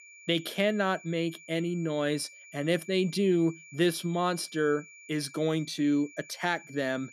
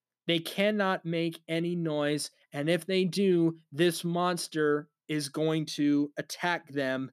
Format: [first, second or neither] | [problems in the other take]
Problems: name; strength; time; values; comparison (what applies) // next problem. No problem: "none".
second | high-pitched whine; noticeable; throughout; 2.5 kHz, 20 dB below the speech